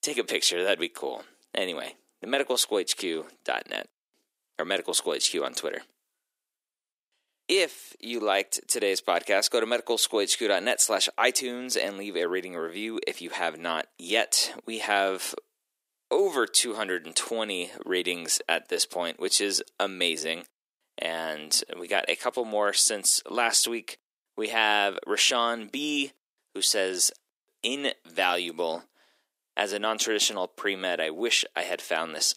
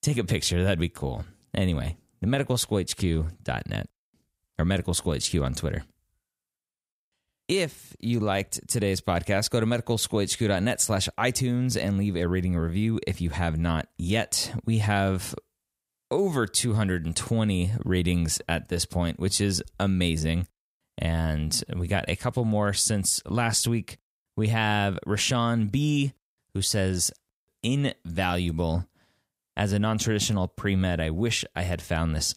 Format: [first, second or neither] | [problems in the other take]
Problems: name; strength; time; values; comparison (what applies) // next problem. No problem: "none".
second | thin; very; fading below 300 Hz